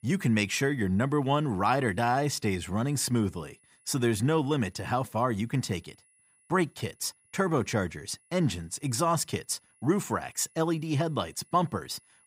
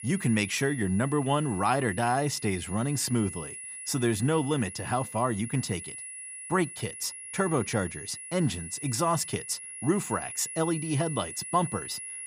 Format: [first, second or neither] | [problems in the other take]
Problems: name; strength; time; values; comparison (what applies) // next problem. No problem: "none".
first | high-pitched whine; loud; throughout; 10 kHz, 9 dB below the speech; faint in the first